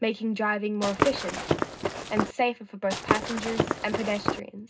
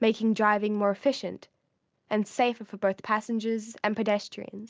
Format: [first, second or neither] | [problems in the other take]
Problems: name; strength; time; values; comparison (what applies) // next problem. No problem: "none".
second | background sound (Walk, footsteps / Run); 1 dB above the speech // room echo; dies away in 0.2 s